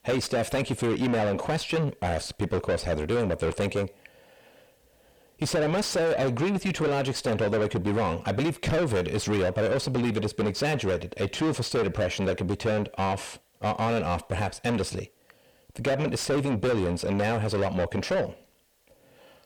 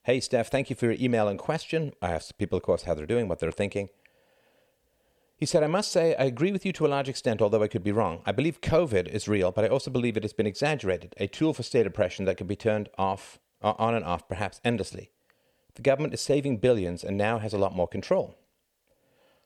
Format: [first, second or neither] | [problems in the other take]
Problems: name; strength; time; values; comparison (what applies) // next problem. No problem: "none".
second | distortion; heavy; 5 dB below the speech